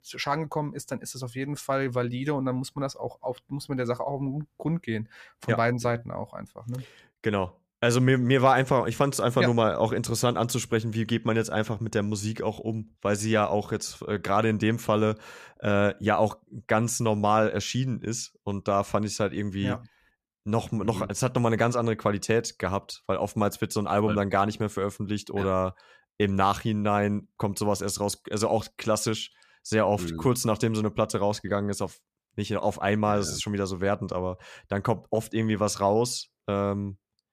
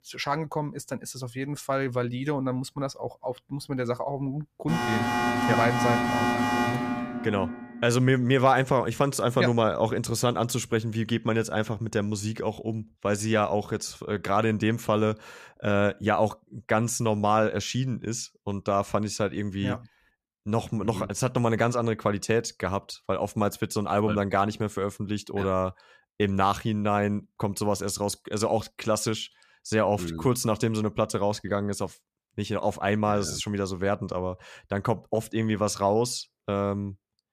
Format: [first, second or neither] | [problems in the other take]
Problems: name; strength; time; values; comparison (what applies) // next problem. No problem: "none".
first | alarm; loud; from 4.5 to 8 s; peak 3 dB above the speech